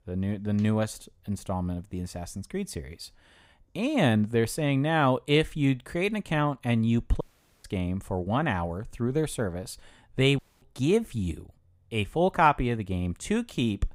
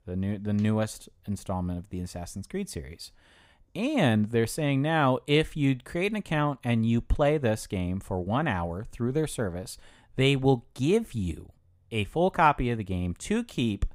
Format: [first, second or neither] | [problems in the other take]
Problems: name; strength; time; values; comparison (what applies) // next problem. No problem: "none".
second | audio cutting out; at 7 s and at 10 s